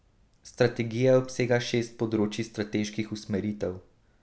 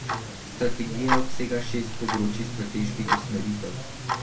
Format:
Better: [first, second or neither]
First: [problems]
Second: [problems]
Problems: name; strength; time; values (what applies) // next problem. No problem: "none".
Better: first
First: none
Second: background sound (Tick-tock); 3 dB below the speech // room echo; dies away in 0.2 s